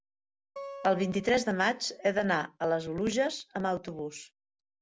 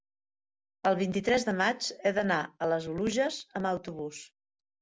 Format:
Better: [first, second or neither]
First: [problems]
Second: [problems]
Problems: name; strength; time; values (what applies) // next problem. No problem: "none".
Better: second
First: background sound (Acoustic guitar); 17 dB below the speech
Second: none